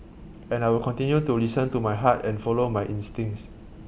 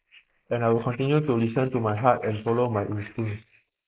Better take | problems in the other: first | noise reduction (neural mask model Resemble Enhance denoiser)

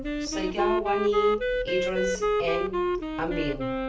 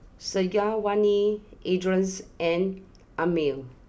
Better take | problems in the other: second | background sound (Wind instrument, woodwind instrument); 3 dB above the speech // room echo; dies away in 0.2 s

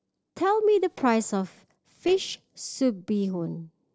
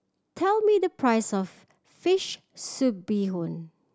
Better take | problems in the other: second | noise reduction (neural separator model SepFormer DNS4)

